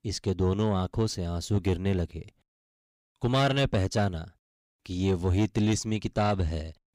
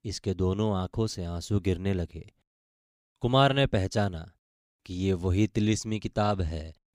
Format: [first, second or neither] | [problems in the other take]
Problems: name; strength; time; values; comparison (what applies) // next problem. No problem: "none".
second | distortion; slight; 10 dB below the speech